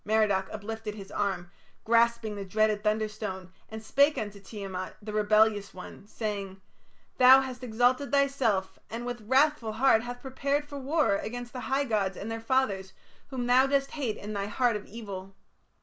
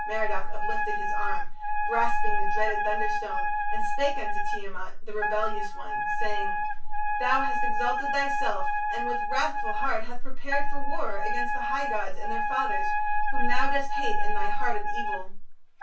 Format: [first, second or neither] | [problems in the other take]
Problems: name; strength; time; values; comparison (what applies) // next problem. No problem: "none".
first | background sound (Wind instrument, woodwind instrument); 6 dB below the speech // room echo; dies away in 0.1 s